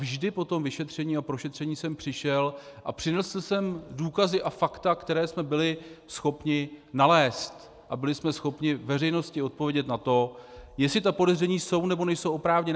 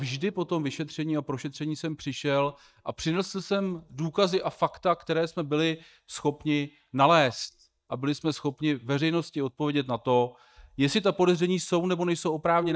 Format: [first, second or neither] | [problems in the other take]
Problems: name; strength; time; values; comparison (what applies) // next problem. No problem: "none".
first | noise reduction (neural mask model DeepFilterNet 3)